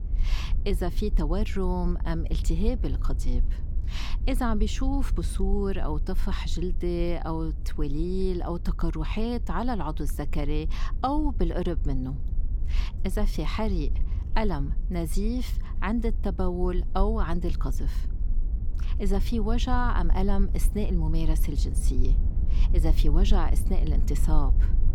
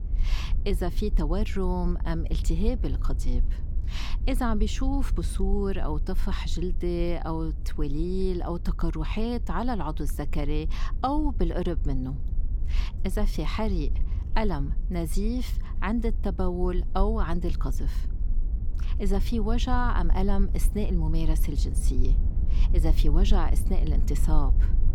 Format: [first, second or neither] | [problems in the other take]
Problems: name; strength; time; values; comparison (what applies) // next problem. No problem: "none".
neither | low rumble; noticeable; throughout; 15 dB below the speech; the same in both